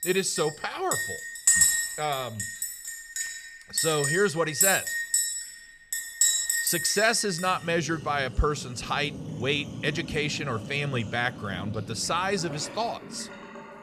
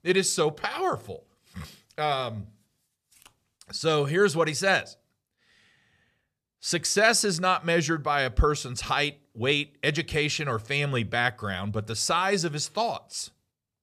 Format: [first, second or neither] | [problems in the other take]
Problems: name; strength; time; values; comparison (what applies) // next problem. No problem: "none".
second | household noises; very loud; throughout; 2 dB above the speech